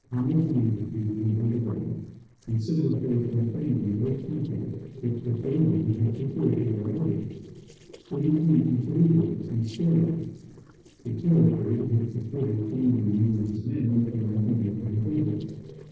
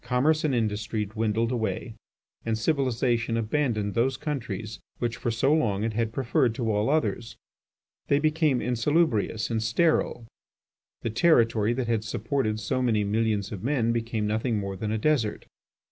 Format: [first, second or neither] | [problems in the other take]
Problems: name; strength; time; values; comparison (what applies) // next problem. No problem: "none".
second | noise reduction (neural separator model SepFormer DNS4)